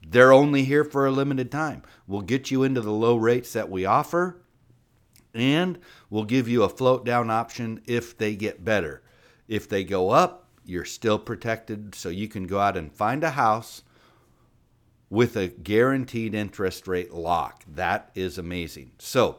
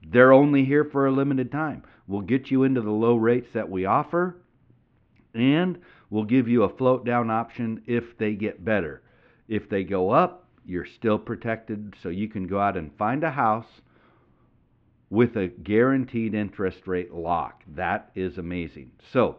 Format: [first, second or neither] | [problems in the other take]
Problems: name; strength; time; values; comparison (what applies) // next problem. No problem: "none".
first | muffled; very; fading above 3 kHz